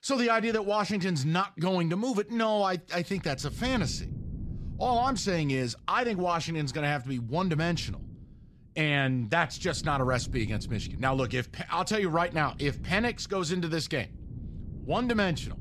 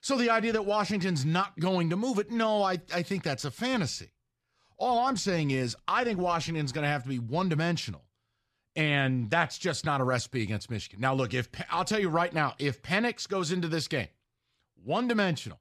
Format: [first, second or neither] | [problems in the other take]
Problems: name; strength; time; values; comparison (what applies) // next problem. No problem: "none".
second | wind noise on the microphone; occasional gusts; from 3 s on; 25 dB below the speech